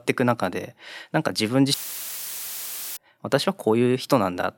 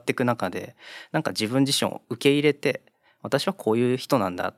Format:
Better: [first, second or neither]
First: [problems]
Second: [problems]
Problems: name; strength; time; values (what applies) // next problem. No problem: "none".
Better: second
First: audio cutting out; filled with static; at 1.5 s for 1 s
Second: none